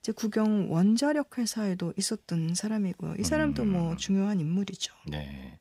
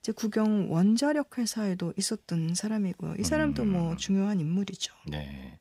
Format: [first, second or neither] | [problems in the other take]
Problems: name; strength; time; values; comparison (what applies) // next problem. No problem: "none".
neither | none